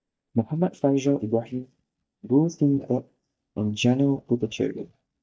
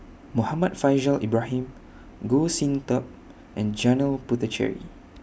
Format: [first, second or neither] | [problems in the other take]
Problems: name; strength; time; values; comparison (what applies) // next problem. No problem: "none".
second | noise reduction (neural mask model DeepFilterNet 3)